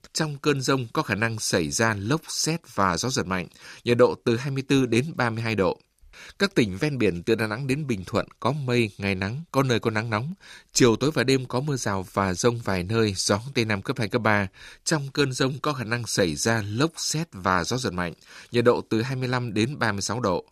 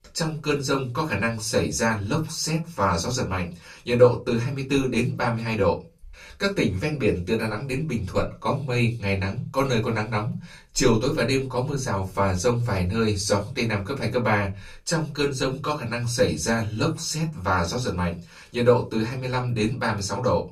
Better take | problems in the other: first | off-mic speech; far // room echo; very slight; dies away in 0.2 s

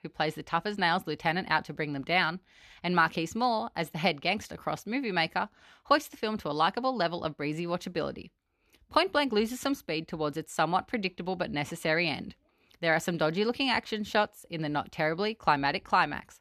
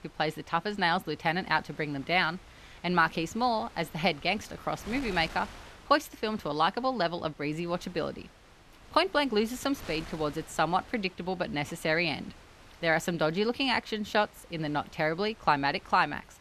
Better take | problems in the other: first | wind noise on the microphone; occasional gusts; 20 dB below the speech

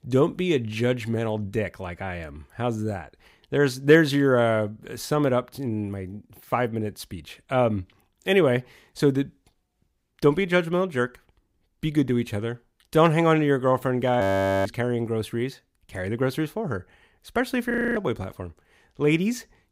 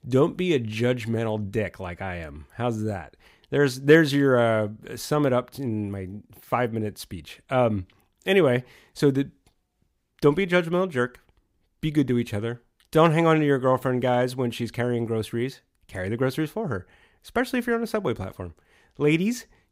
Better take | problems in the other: second | audio freezing; at 14 s and at 18 s

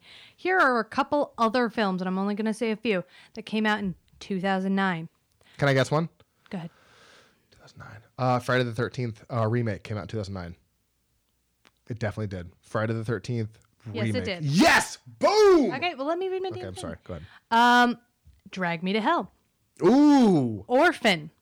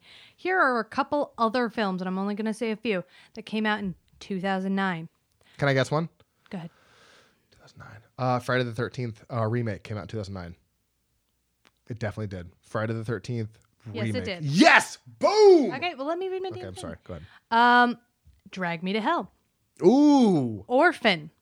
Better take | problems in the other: second | distortion; slight; 2% of the sound clipped

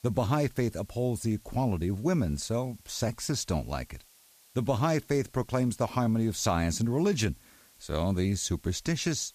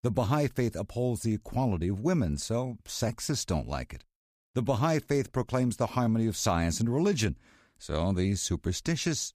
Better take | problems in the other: second | hiss; faint; throughout; 25 dB below the speech

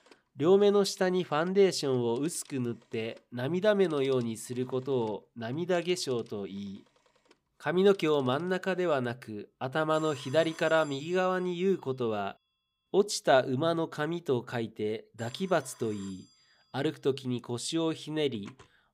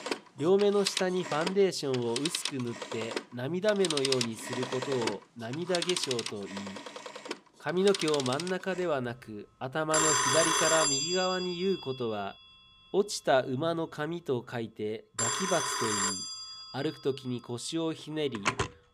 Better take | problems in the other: first | alarms or sirens; loud; throughout; as loud as the speech; faint in the first

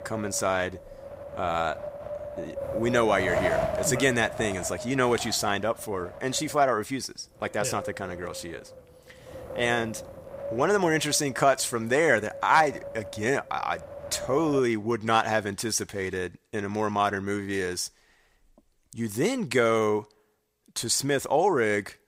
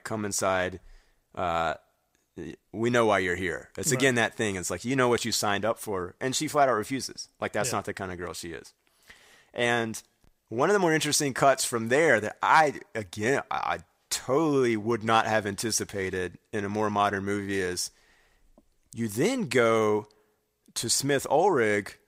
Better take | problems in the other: second | wind noise on the microphone; heavy; until 15 s; 9 dB below the speech

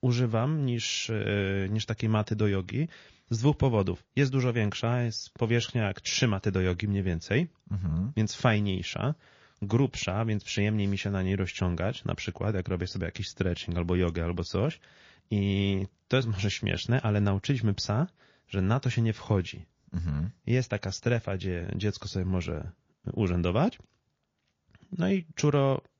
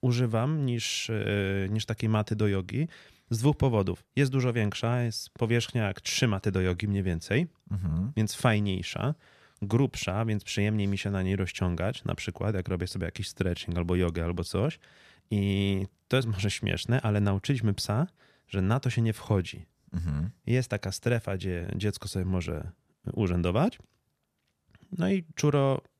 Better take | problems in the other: second | garbled, watery; slightly; nothing above 7 kHz

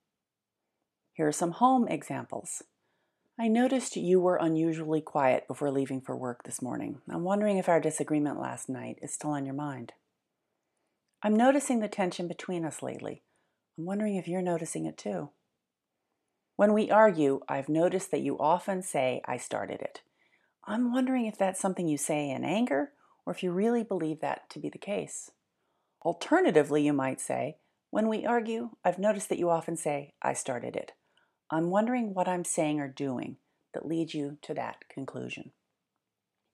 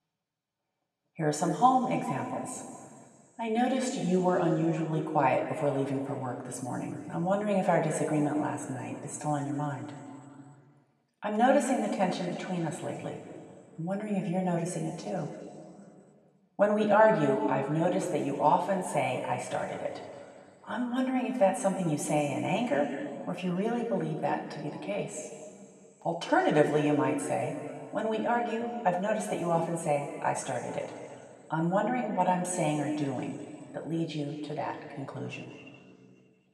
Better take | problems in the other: first | room echo; noticeable; dies away in 2.4 s // off-mic speech; somewhat distant

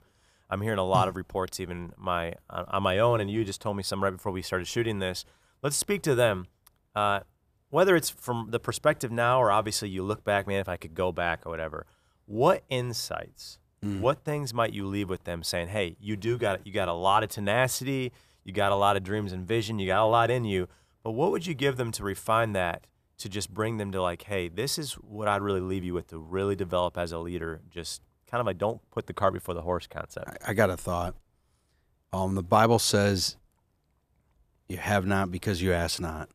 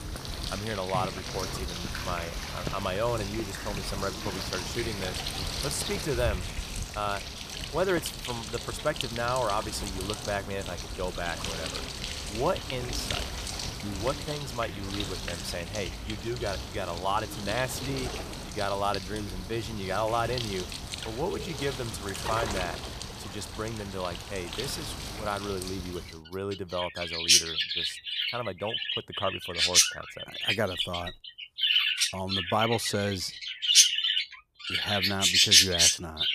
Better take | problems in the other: first | animal sounds; very loud; throughout; 5 dB above the speech

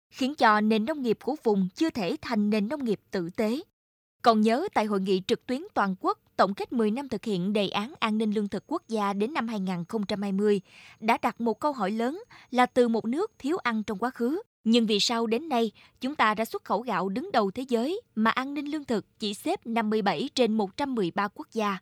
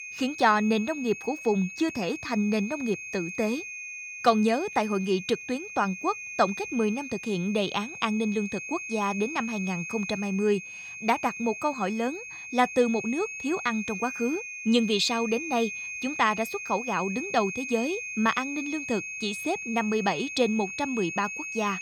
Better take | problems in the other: first | high-pitched whine; loud; throughout; 2.5 kHz, 7 dB below the speech

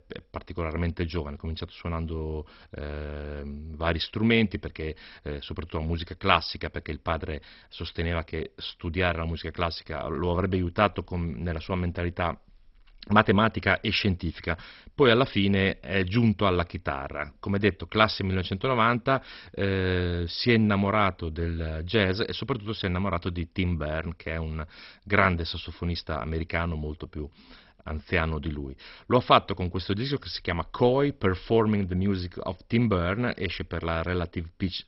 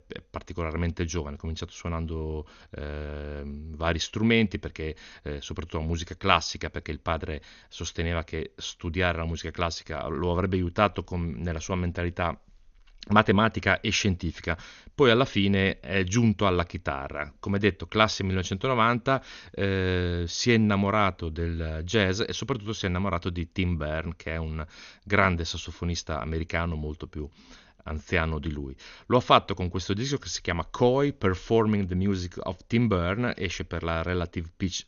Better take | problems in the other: second | garbled, watery; badly; nothing above 5.5 kHz; slightly in the second

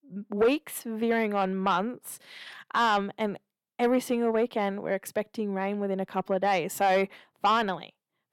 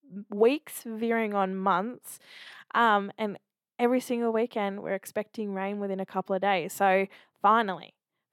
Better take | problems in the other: second | distortion; slight; 10 dB below the speech

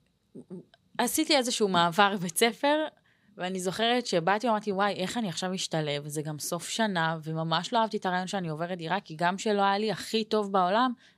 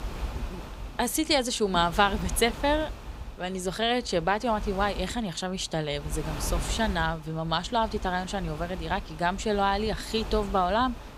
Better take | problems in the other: first | wind noise on the microphone; occasional gusts; 15 dB below the speech

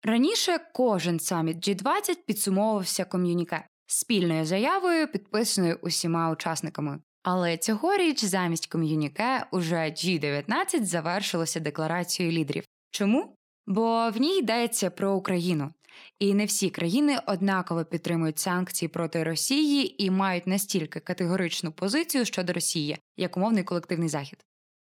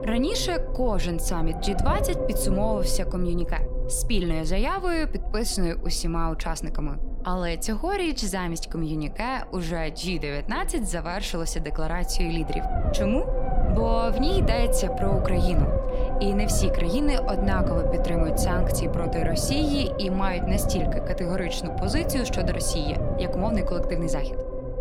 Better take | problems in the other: first | low rumble; loud; throughout; 1 dB below the speech

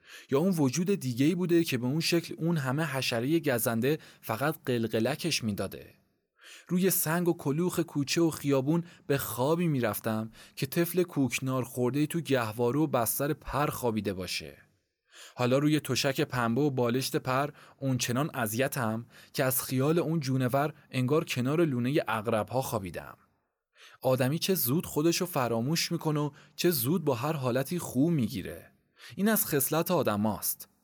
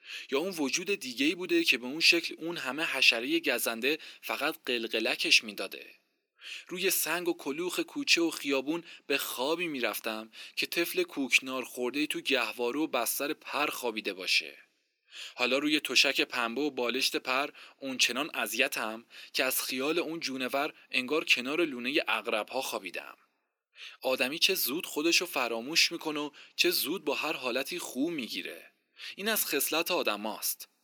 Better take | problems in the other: first | thin; very slightly; fading below 300 Hz

